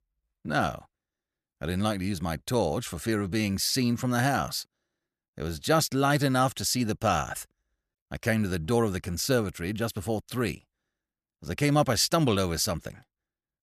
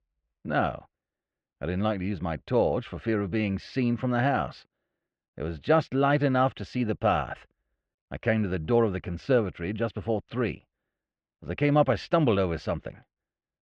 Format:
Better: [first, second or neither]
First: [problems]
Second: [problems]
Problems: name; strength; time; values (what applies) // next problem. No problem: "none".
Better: first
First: none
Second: muffled; very; fading above 3 kHz